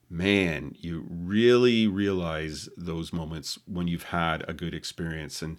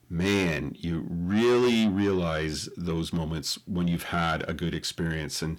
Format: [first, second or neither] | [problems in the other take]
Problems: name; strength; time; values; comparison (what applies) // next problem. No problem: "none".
first | distortion; heavy; 8 dB below the speech